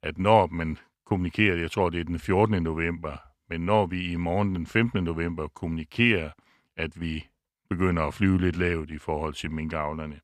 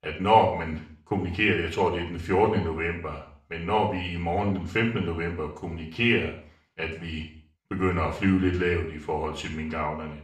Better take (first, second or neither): first